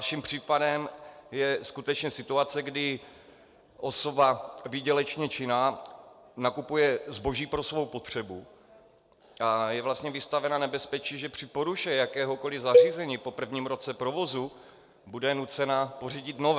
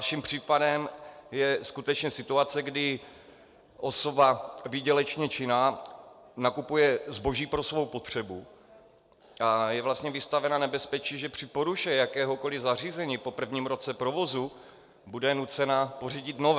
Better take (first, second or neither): second